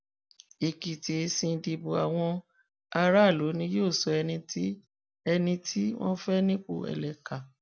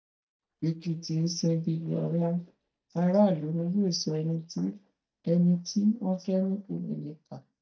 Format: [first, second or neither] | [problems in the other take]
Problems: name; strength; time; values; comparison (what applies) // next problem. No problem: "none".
first | noise reduction (neural mask model DeepFilterNet 3)